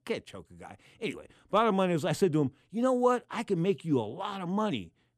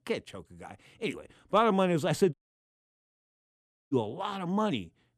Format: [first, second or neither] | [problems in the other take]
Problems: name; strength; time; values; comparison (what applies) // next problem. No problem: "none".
first | audio cutting out; at 2.5 s for 1.5 s